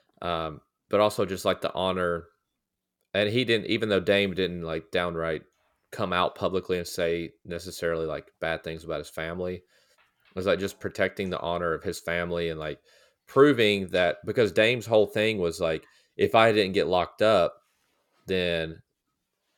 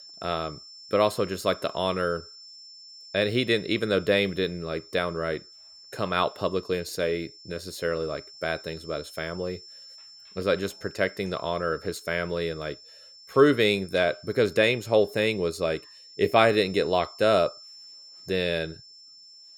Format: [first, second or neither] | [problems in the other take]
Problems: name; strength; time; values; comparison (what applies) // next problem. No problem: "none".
first | high-pitched whine; noticeable; throughout; 5.5 kHz, 20 dB below the speech